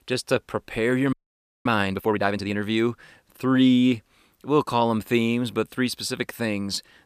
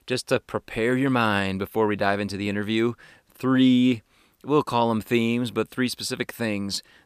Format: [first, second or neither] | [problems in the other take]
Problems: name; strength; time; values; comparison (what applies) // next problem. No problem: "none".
second | audio freezing; at 1 s for 0.5 s